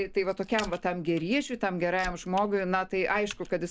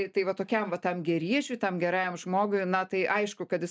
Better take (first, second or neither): second